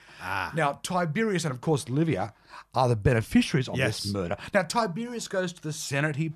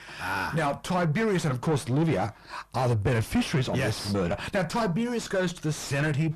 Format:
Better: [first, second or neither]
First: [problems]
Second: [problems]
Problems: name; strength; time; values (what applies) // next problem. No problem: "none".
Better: first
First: none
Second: distortion; heavy; 5 dB below the speech